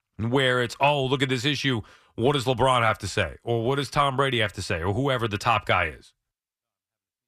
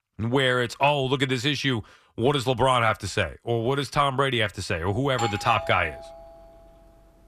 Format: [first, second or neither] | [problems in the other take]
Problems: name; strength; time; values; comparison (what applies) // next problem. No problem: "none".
first | doorbell; noticeable; from 5 to 6.5 s; peak 7 dB below the speech